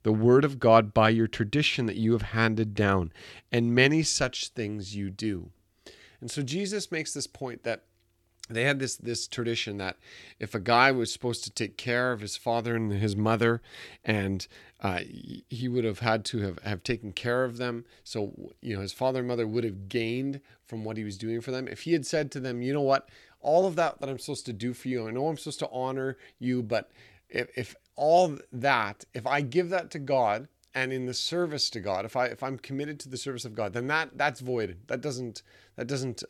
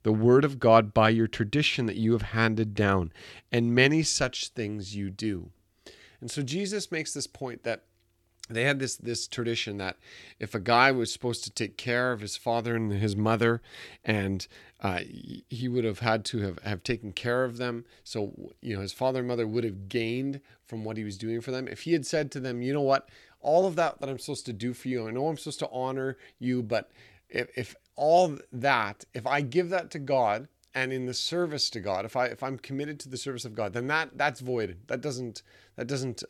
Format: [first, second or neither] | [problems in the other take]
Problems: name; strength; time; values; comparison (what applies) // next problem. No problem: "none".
neither | none